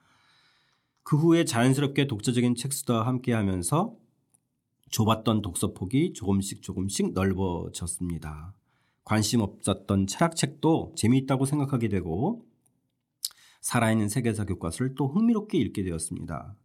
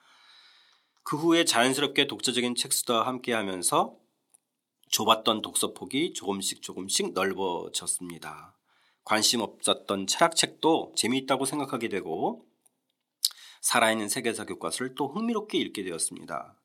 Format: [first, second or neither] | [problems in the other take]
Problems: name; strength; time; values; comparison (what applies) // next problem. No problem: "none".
first | thin; somewhat; fading below 450 Hz